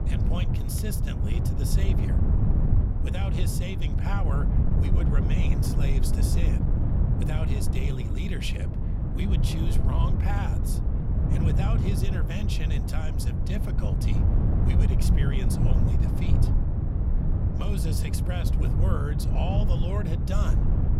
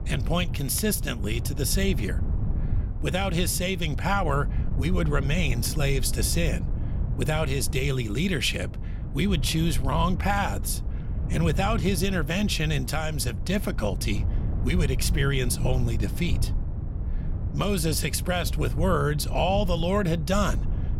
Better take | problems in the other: second | wind noise on the microphone; heavy; as loud as the speech; occasional gusts in the second

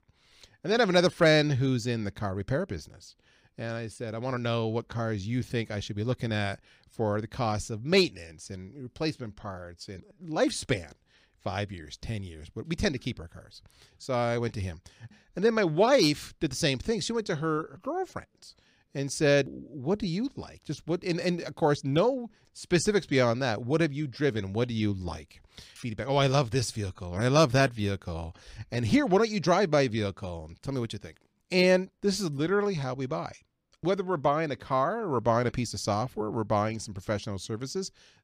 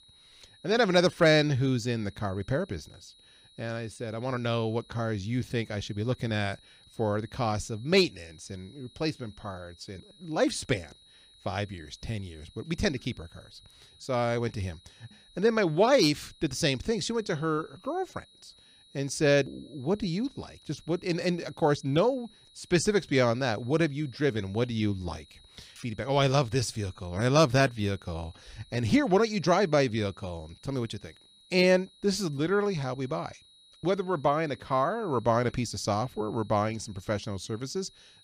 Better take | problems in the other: first | high-pitched whine; faint; throughout; 4 kHz, 25 dB below the speech

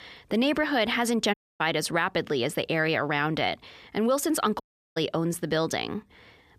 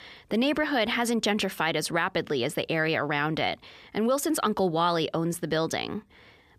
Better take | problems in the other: second | audio cutting out; at 1.5 s and at 4.5 s

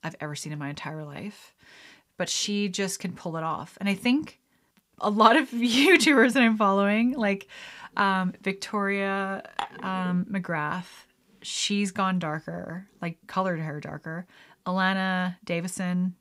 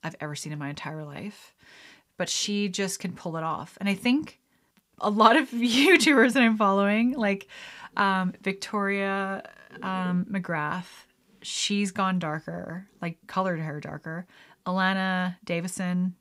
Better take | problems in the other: second | clattering dishes; noticeable; at 9.5 s; peak 10 dB below the speech

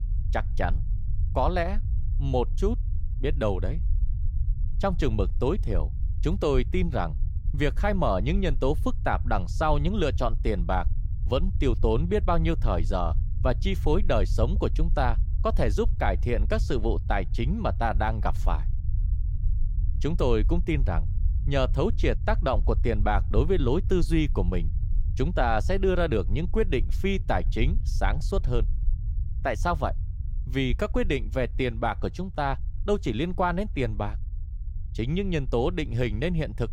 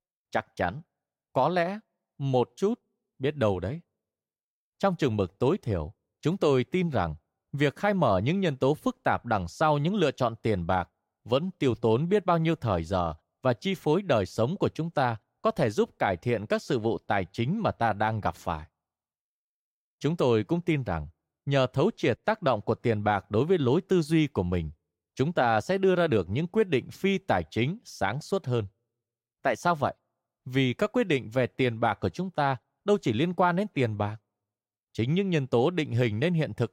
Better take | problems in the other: second | low rumble; faint; throughout; 20 dB below the speech

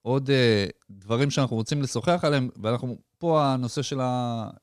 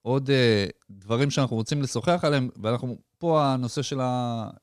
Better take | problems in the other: neither | none

